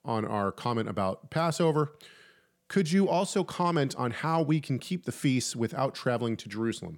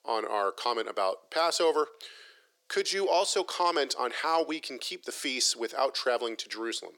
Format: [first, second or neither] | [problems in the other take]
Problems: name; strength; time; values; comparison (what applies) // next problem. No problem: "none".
first | thin; very; fading below 350 Hz